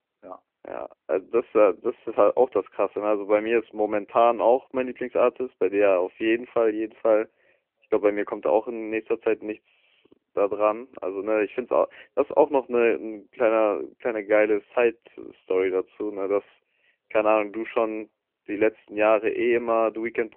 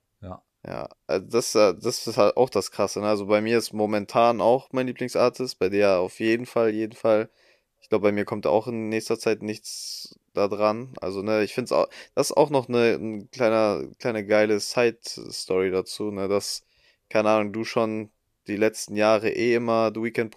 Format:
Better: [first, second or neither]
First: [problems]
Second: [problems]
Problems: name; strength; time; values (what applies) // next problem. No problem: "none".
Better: second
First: phone-call audio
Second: none